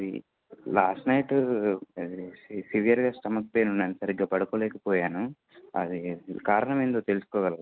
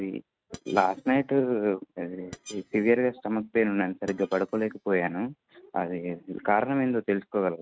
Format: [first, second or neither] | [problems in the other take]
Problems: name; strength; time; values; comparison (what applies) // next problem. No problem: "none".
first | noise reduction (neural mask model RNNoise)